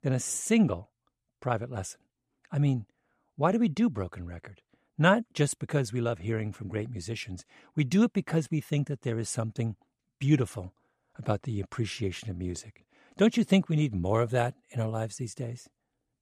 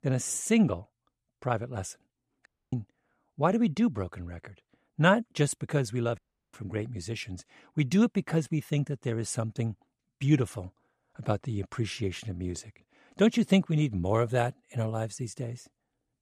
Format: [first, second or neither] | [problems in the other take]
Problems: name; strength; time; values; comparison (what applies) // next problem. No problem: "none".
first | audio cutting out; at 2.5 s and at 6 s